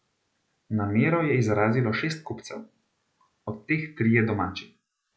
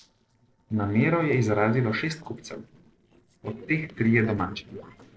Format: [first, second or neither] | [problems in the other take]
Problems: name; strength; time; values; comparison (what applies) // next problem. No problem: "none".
first | noise reduction (neural separator model SepFormer DNS4)